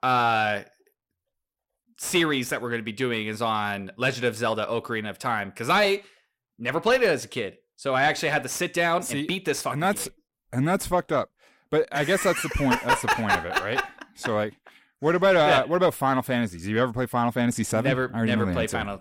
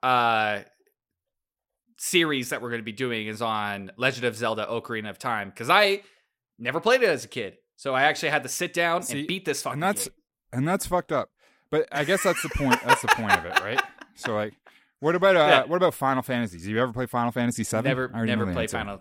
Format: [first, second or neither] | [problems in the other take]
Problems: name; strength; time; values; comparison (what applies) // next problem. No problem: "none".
second | distortion; slight; 10 dB below the speech